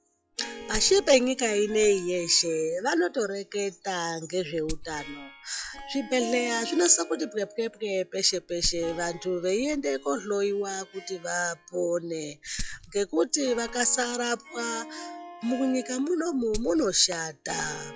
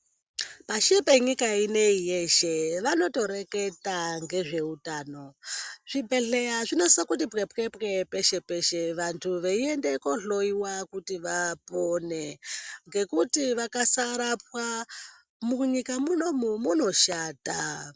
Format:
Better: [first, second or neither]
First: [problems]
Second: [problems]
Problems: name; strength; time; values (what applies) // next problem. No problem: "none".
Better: second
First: noise reduction (classical method log-MMSE)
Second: none